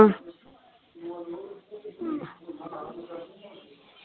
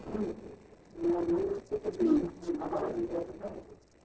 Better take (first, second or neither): first